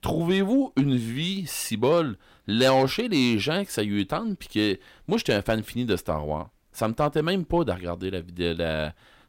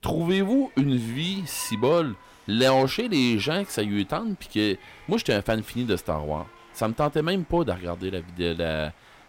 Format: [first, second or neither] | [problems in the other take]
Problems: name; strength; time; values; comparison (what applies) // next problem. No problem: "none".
first | crowd noise; faint; throughout; 25 dB below the speech